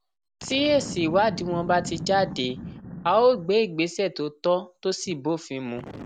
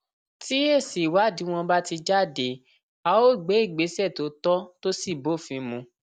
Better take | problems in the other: second | background sound (Boom); 14 dB below the speech

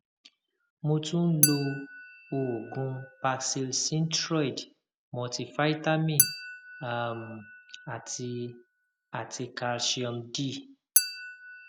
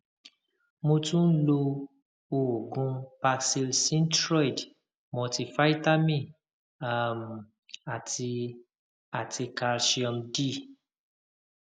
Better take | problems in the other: second | background sound (Chink, clink); 4 dB below the speech

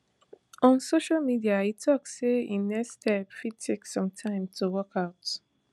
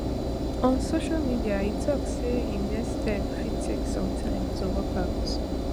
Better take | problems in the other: first | background sound (Engine); 3 dB above the speech

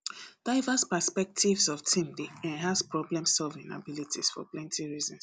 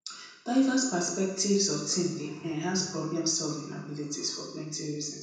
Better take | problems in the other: first | room echo; dies away in 0.8 s

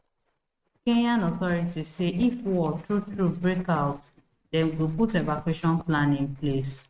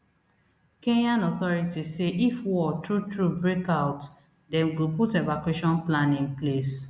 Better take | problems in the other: second | noise reduction (neural mask model RNNoise)

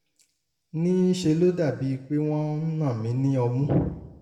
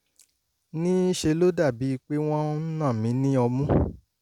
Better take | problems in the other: second | room echo; dies away in 0.8 s

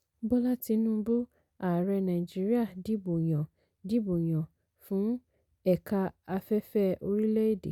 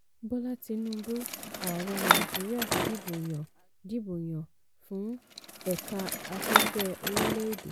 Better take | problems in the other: first | background sound (Bicycle); 2 dB above the speech

